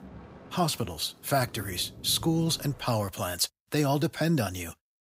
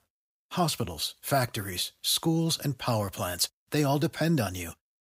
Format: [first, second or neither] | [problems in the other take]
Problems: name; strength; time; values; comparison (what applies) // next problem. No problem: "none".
second | train or aircraft noise; noticeable; until 3 s; 20 dB below the speech